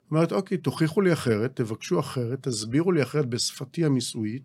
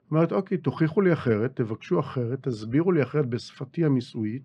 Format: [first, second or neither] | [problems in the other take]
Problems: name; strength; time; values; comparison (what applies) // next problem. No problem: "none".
first | muffled; very; fading above 2.5 kHz